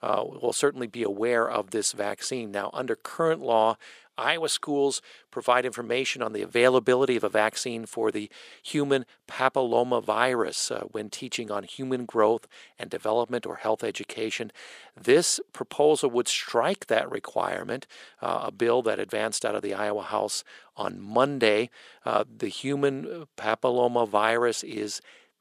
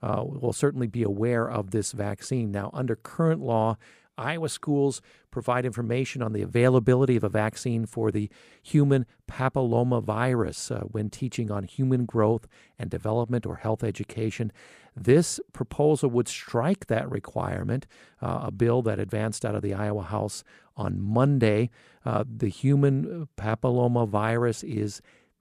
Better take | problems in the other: second | thin; somewhat; fading below 450 Hz

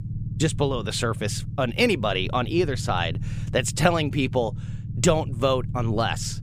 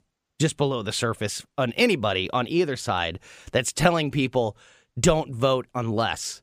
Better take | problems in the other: second | low rumble; noticeable; throughout; 20 dB below the speech

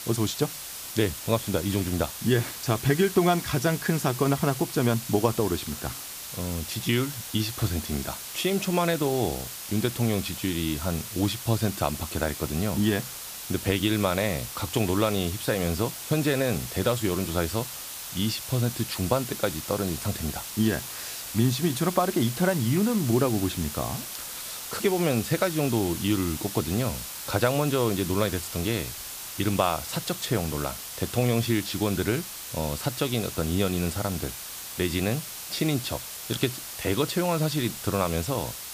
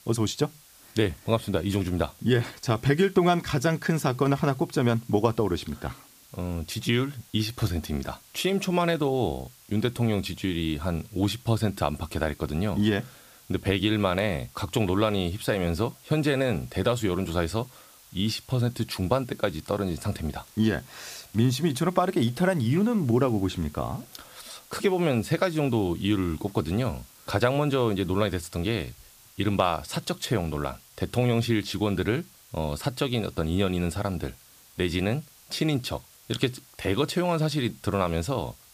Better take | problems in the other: second | hiss; loud; throughout; 7 dB below the speech; faint in the second

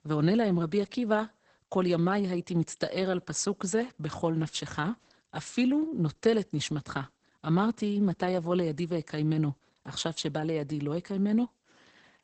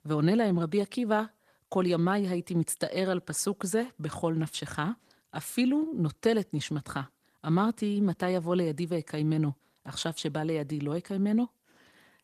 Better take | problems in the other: second | garbled, watery; badly; nothing above 8 kHz; slightly in the second

